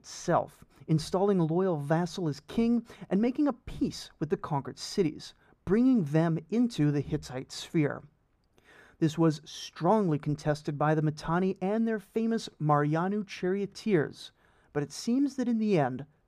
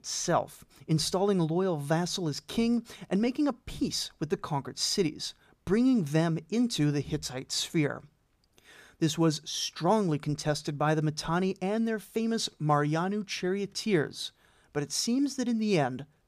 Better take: second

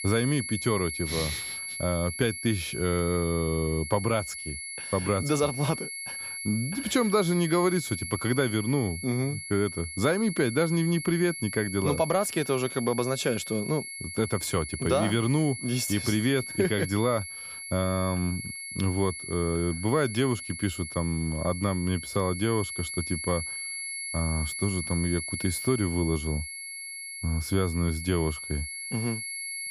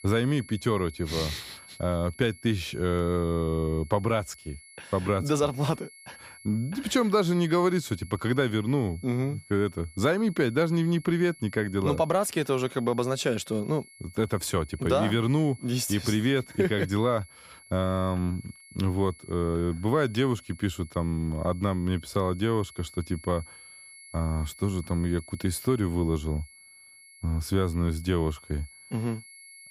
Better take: second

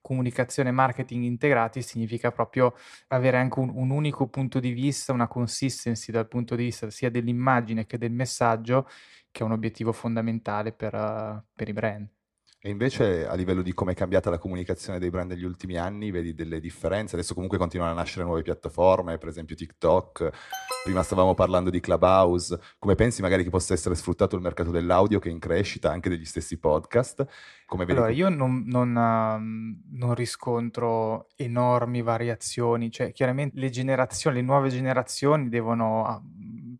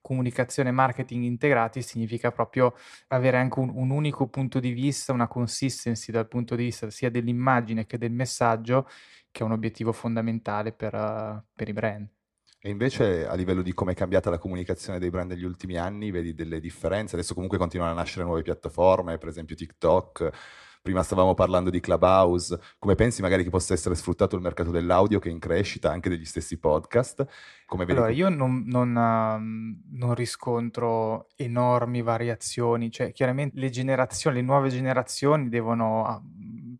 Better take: second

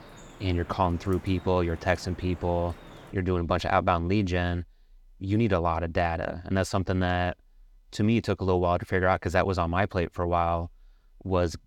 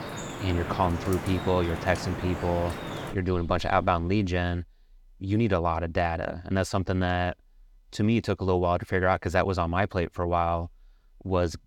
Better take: first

